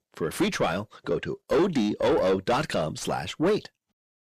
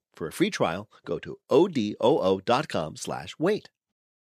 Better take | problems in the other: second | distortion; heavy; 6 dB below the speech

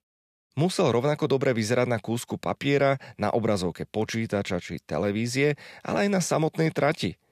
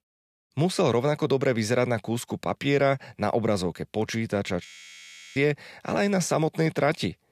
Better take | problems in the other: first | audio freezing; at 4.5 s for 0.5 s

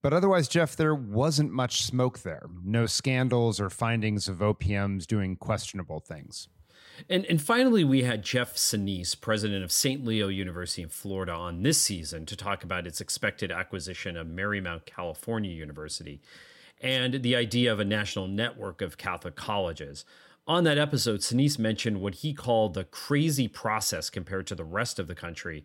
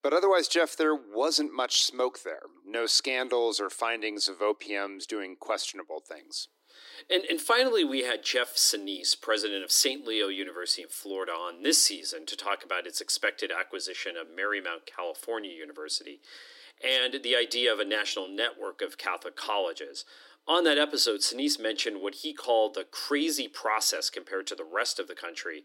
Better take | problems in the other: first | thin; somewhat; fading below 300 Hz

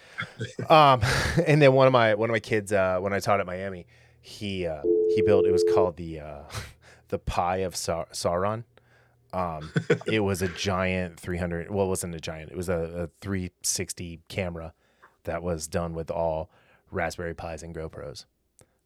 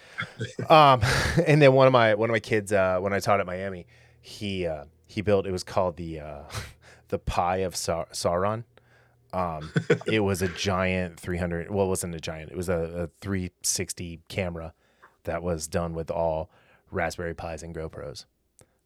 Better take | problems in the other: second | phone ringing; loud; from 5 to 6 s; peak 4 dB above the speech

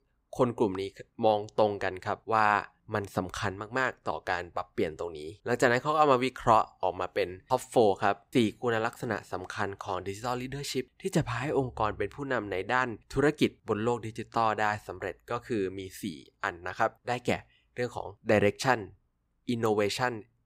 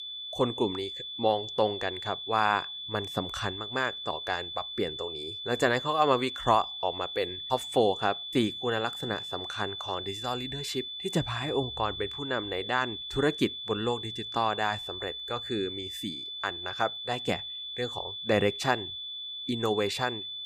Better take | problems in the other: first | high-pitched whine; loud; throughout; 3.5 kHz, 5 dB below the speech

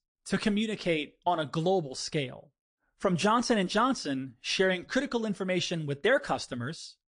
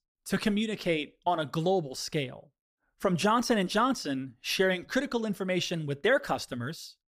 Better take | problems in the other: second | garbled, watery; slightly; nothing above 10 kHz

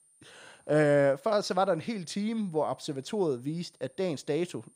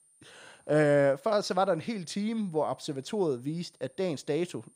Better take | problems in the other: neither | high-pitched whine; faint; throughout; 9 kHz, 30 dB below the speech; the same in both

